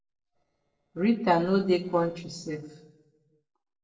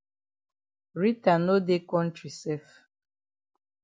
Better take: second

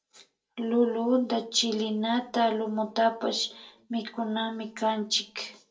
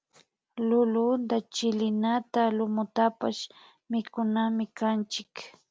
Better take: second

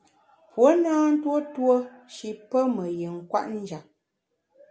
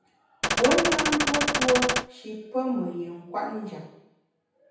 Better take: first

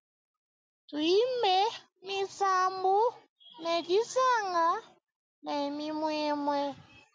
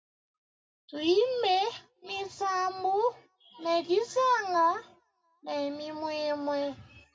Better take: first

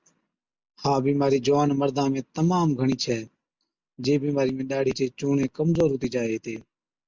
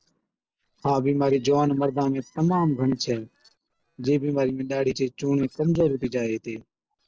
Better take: first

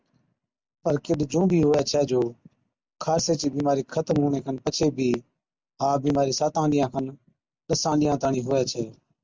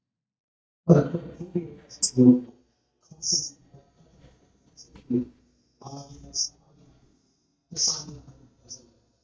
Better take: first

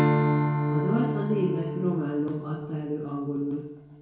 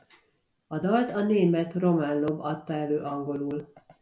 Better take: second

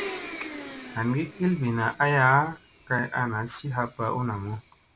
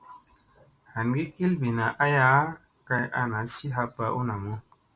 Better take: second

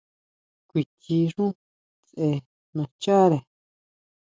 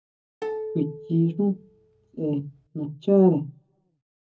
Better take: first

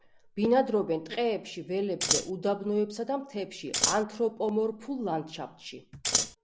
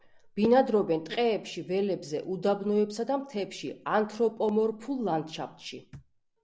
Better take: second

